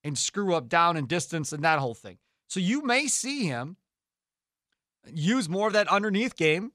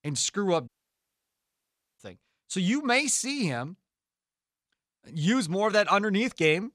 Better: first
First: none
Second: audio cutting out; at 0.5 s for 1.5 s

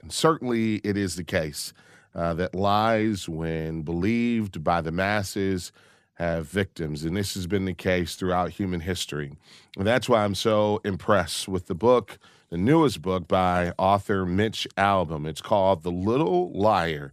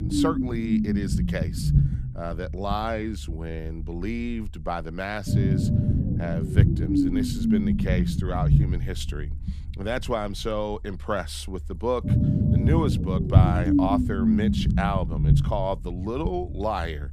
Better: first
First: none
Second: low rumble; loud; throughout; 1 dB below the speech

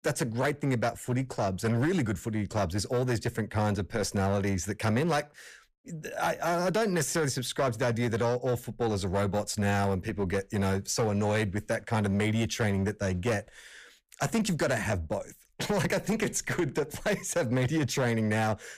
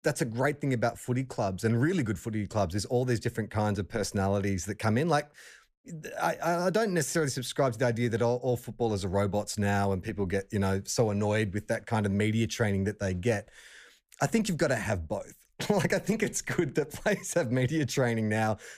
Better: second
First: distortion; slight; 10% of the sound clipped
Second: none

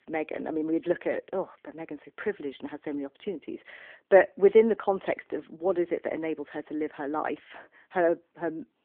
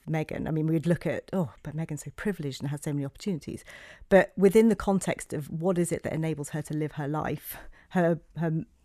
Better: second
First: phone-call audio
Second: none

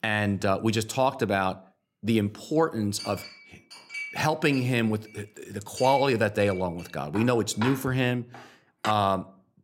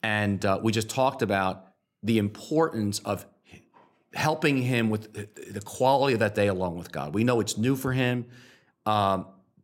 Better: second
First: clattering dishes; noticeable; from 3 to 9 s; peak 8 dB below the speech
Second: none

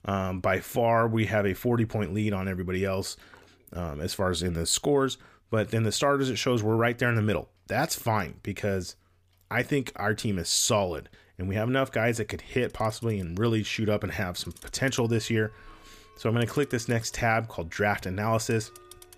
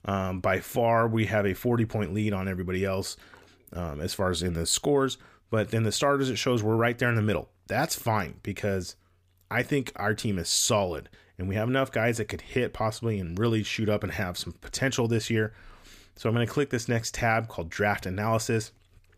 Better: second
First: household noises; faint; throughout; 25 dB below the speech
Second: none

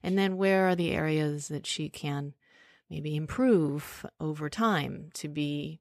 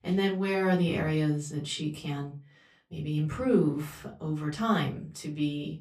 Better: first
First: none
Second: off-mic speech; far // room echo; very slight; dies away in 0.3 s

